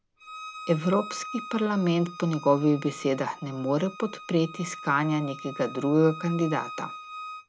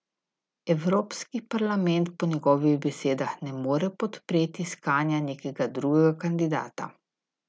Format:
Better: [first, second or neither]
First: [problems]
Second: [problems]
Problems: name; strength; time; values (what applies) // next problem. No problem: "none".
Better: second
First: background sound (Bowed string instrument); 14 dB below the speech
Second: none